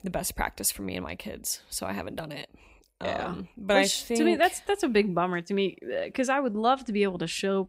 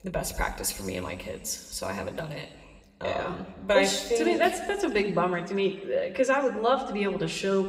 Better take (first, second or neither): first